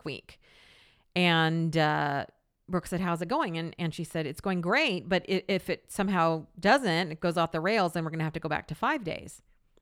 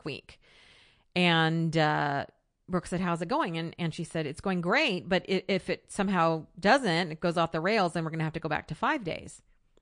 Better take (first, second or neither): first